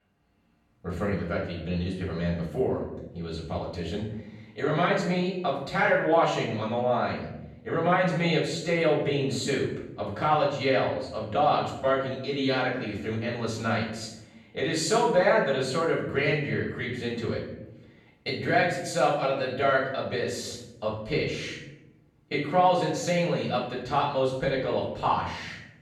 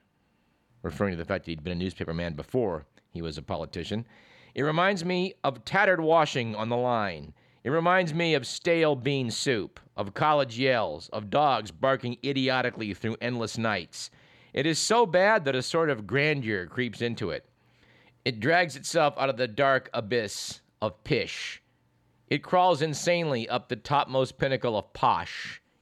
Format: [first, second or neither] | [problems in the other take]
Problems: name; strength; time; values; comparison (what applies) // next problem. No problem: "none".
second | off-mic speech; far // room echo; noticeable; dies away in 0.8 s